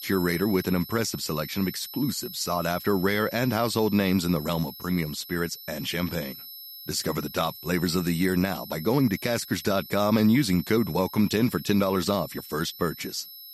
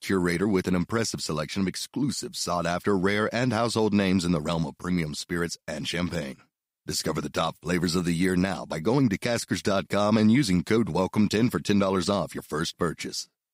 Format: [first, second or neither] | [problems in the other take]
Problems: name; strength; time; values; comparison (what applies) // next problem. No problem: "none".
second | high-pitched whine; noticeable; throughout; 11.5 kHz, 15 dB below the speech